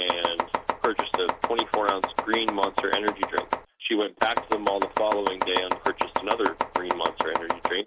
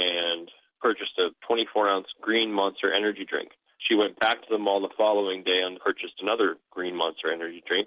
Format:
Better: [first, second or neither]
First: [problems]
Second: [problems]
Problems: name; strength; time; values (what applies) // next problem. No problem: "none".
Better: second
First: background sound (Domestic sounds, home sounds); as loud as the speech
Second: none